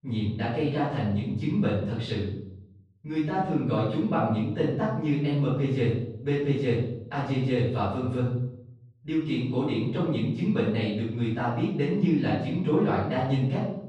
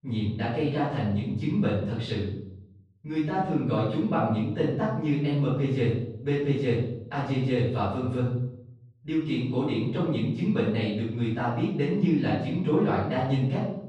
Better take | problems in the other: neither | room echo; noticeable; dies away in 0.8 s; the same in both // off-mic speech; far; the same in both

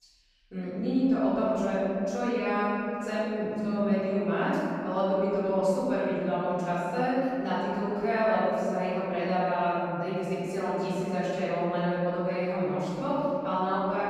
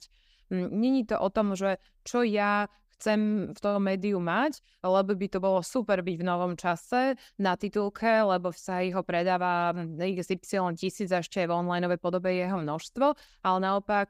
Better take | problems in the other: second | off-mic speech; far // room echo; strong; dies away in 3 s

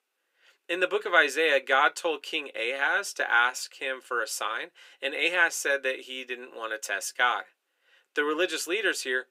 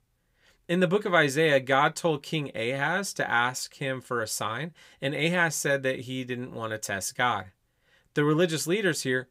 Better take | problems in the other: second | thin; very; fading below 350 Hz

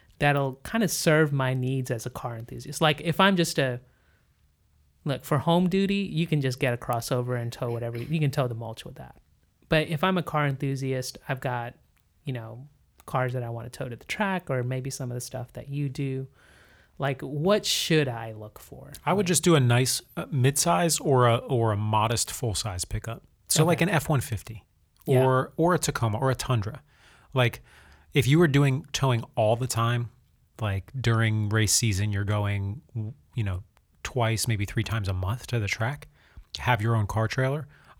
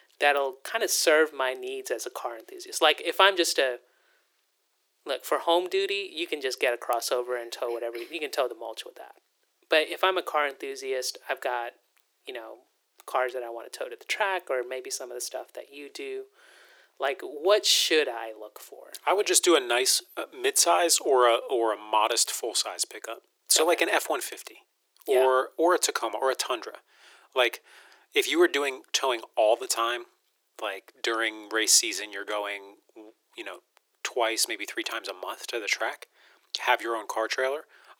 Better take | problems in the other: first | thin; very; fading below 350 Hz

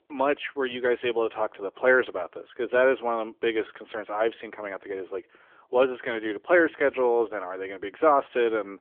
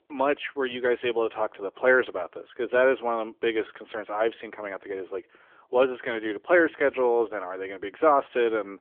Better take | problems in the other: neither | phone-call audio; nothing above 3.5 kHz; the same in both

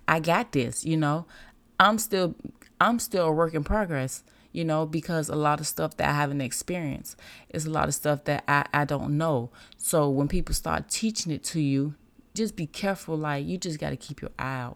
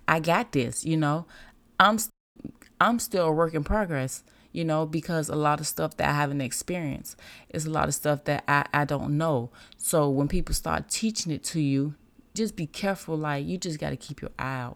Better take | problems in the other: first | audio cutting out; at 2 s

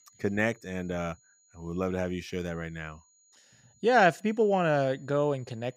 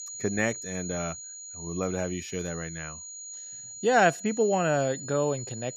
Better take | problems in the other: first | high-pitched whine; loud; throughout; 7 kHz, 10 dB below the speech; faint in the first

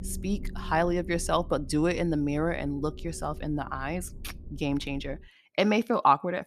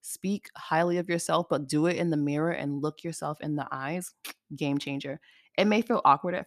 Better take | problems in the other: second | low rumble; faint; until 5 s; 25 dB below the speech

